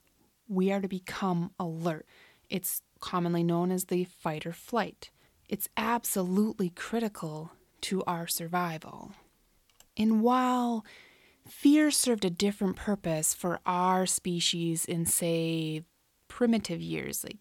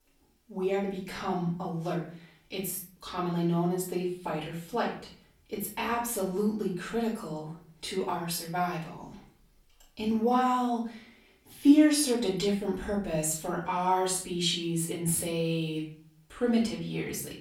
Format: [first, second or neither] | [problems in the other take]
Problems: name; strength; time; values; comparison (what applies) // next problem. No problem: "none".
first | off-mic speech; far // room echo; slight; dies away in 0.5 s